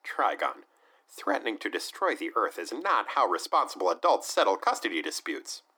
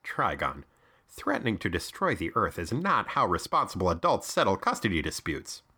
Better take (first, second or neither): second